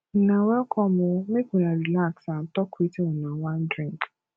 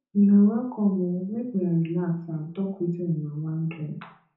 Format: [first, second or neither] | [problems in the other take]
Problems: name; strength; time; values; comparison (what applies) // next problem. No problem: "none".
first | room echo; dies away in 0.5 s